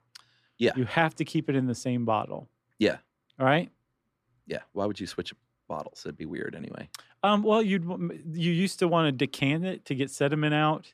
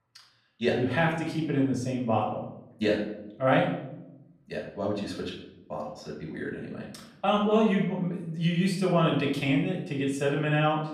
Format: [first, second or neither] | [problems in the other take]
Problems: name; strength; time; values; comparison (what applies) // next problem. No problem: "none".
first | off-mic speech; far // room echo; noticeable; dies away in 0.7 s